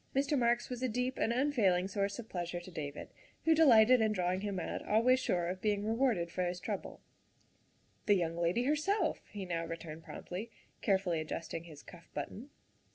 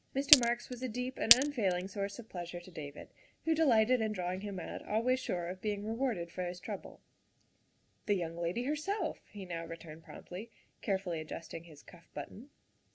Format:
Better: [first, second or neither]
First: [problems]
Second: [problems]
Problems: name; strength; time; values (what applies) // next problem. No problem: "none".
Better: first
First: none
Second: background sound (Glass); 3 dB above the speech